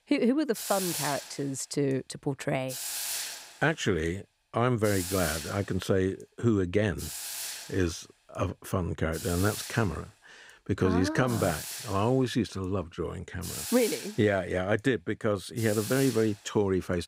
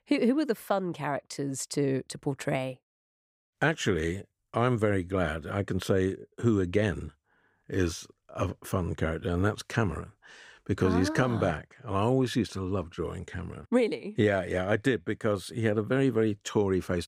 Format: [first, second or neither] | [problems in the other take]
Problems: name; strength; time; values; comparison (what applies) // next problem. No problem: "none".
second | hiss; loud; throughout; 7 dB below the speech